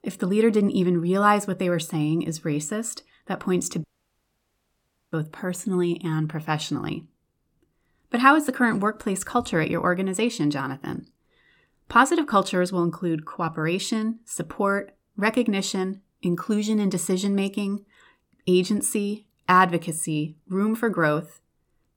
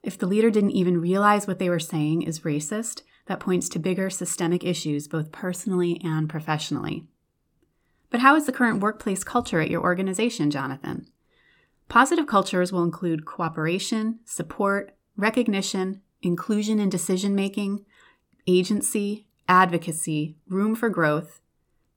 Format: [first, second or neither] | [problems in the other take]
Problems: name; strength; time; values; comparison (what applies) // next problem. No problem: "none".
second | audio cutting out; at 4 s for 1.5 s